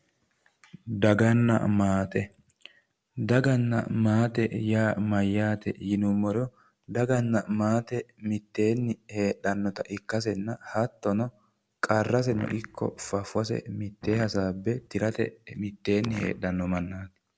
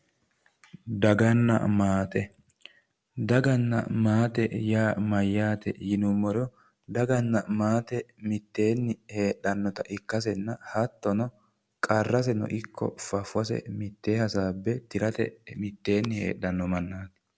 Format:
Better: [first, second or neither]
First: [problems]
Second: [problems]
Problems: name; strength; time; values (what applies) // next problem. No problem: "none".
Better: second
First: background sound (Fart); 16 dB below the speech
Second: none